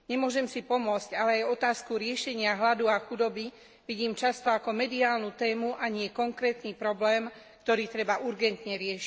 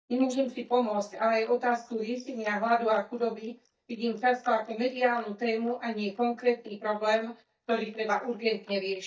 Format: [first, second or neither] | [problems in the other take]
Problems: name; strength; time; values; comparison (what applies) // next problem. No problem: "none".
first | noise reduction (neural mask model DeepFilterNet 3)